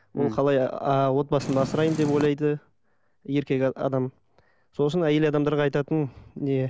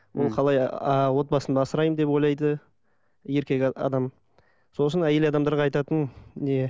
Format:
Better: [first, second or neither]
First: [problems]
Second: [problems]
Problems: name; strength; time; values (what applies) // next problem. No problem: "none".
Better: second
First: background sound (Purr); 8 dB below the speech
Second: none